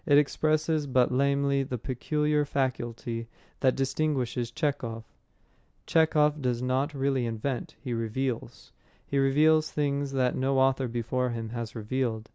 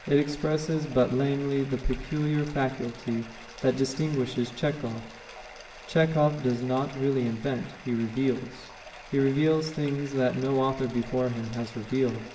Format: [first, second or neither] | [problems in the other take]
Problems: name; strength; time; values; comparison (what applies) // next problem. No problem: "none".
first | background sound (Bathtub (filling or washing)); 18 dB below the speech // room echo; dies away in 0.8 s